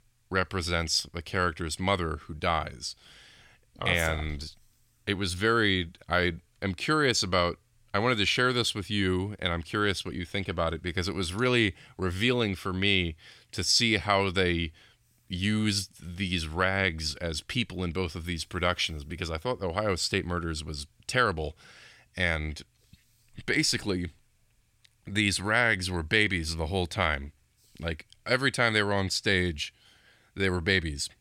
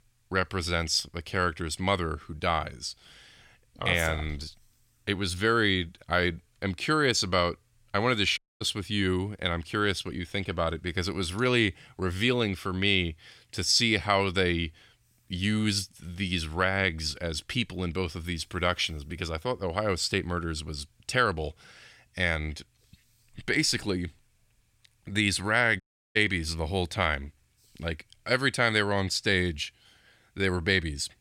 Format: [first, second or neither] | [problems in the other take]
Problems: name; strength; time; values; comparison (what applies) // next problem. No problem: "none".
first | audio cutting out; at 8.5 s and at 26 s